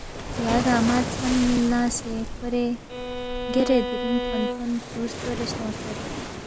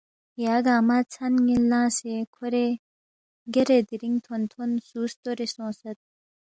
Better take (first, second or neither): second